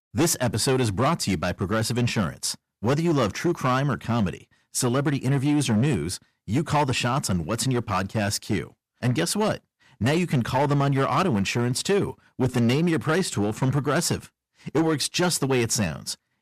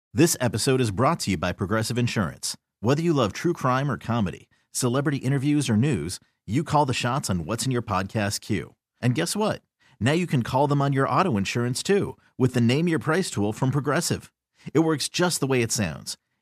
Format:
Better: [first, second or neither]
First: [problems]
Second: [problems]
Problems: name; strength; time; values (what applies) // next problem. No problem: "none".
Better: second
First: distortion; slight; 8% of the sound clipped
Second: none